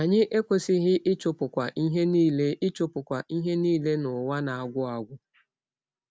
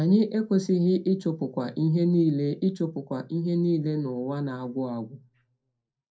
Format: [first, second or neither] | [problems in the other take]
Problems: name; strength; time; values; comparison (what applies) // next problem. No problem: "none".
first | room echo; dies away in 0.2 s